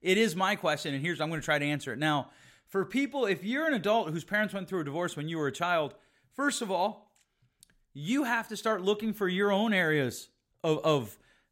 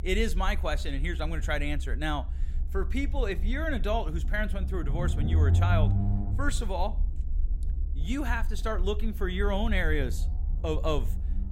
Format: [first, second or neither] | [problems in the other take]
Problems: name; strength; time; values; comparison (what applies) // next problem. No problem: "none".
first | low rumble; noticeable; throughout; 15 dB below the speech